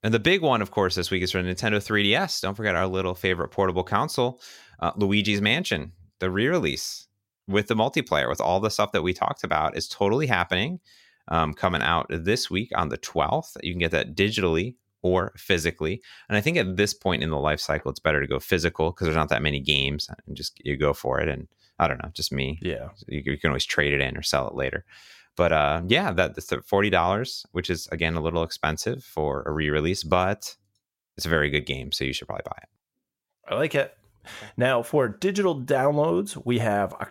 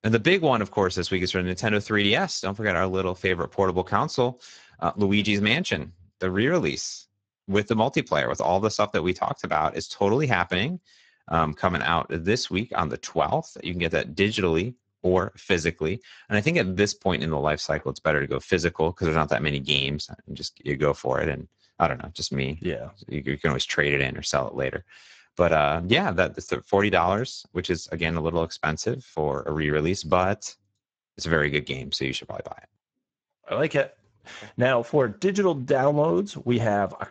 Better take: first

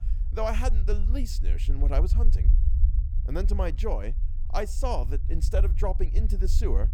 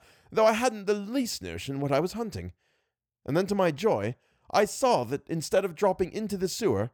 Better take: second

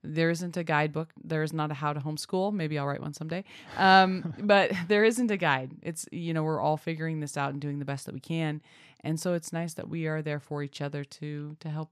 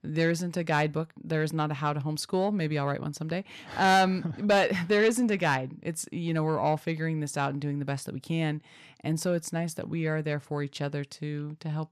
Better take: first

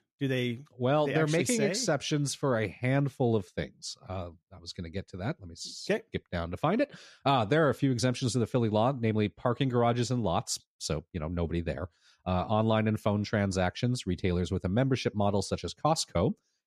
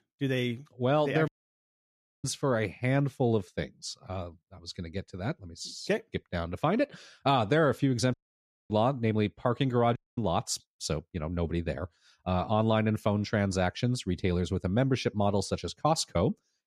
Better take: first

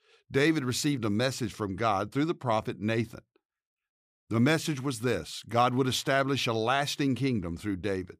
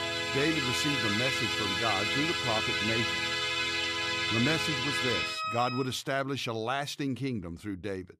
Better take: first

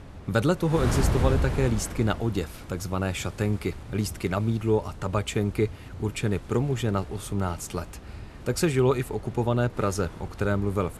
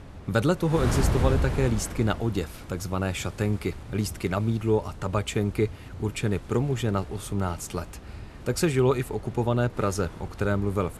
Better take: neither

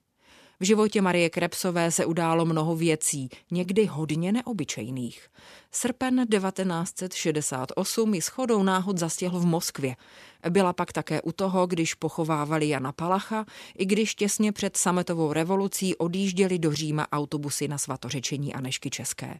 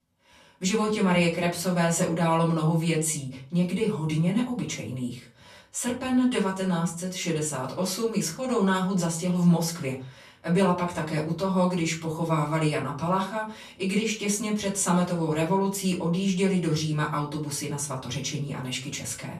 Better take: first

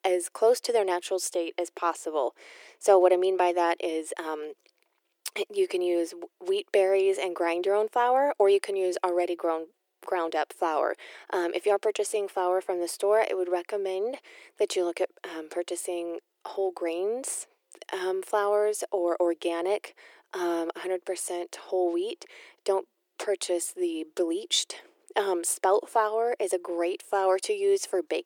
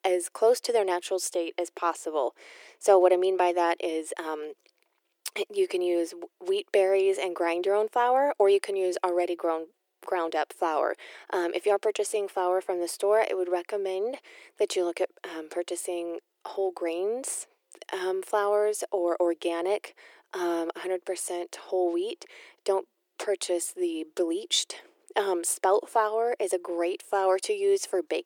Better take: neither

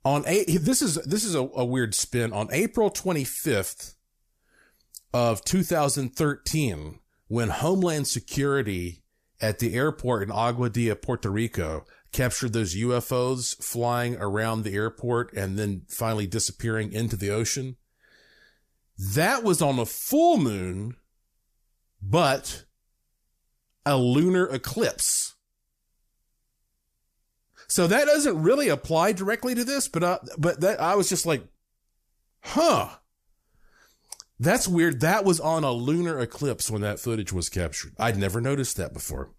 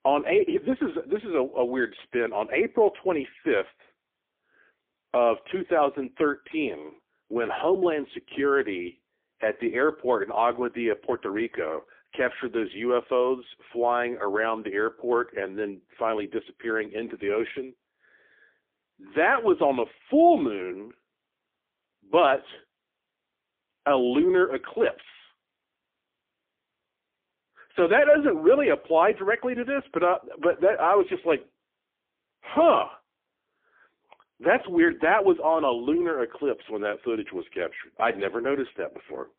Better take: first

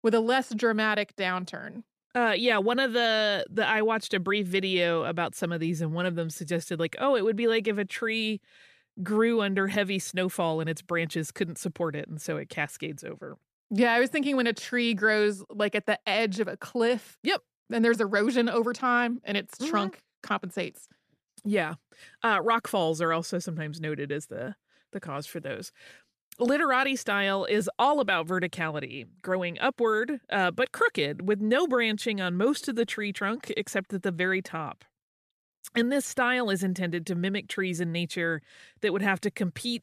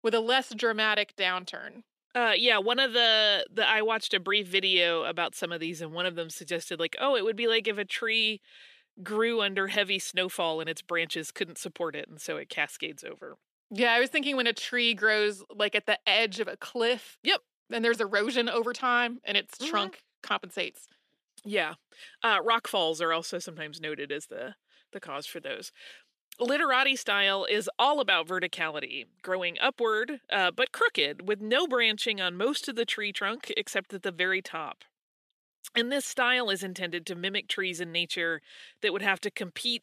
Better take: first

